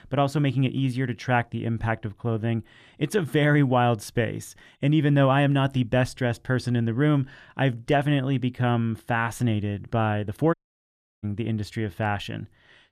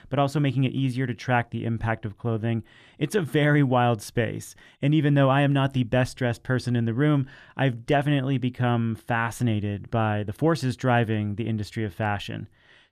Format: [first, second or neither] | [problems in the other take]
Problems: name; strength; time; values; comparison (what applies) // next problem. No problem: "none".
second | audio cutting out; at 11 s for 0.5 s